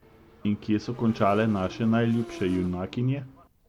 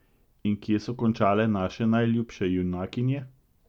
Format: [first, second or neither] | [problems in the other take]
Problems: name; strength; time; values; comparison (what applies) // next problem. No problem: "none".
second | background sound (Motorcycle / Engine); 17 dB below the speech